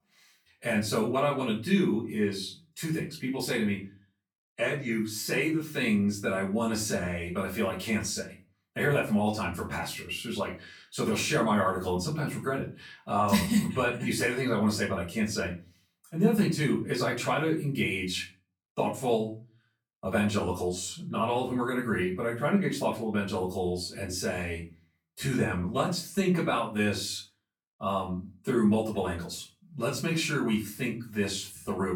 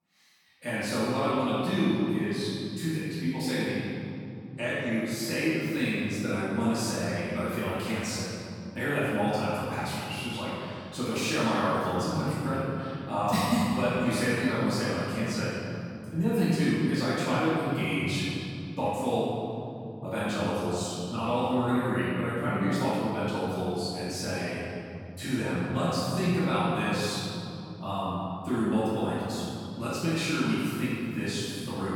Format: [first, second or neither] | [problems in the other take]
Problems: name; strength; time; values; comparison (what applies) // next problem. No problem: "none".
first | room echo; strong; dies away in 3 s; slight in the first // off-mic speech; far; far in the first